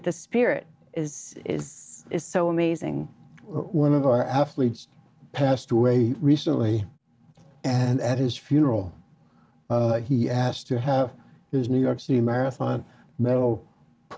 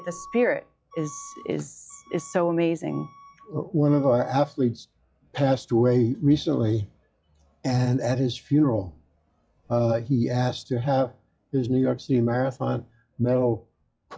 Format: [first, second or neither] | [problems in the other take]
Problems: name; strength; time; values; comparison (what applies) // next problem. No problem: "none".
first | noise reduction (classical method log-MMSE)